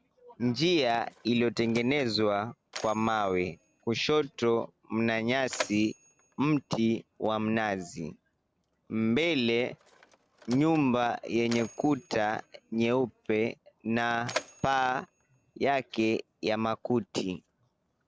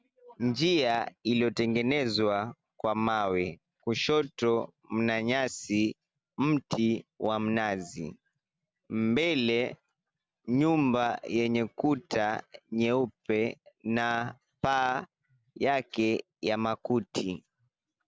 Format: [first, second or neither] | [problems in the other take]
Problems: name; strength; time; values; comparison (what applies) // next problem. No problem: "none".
second | background sound (Mechanisms); 18 dB below the speech